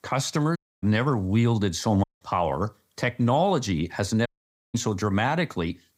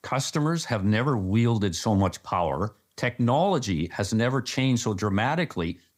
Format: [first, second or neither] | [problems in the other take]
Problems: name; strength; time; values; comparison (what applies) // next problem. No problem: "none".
second | audio cutting out; at 0.5 s, at 2 s and at 4.5 s